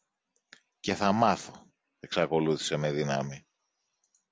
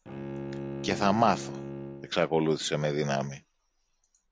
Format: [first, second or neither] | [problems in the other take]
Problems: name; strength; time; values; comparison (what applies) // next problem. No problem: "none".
first | background sound (Bowed string instrument); 11 dB below the speech